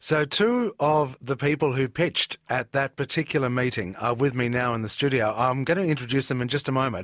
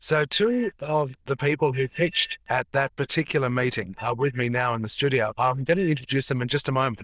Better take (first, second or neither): first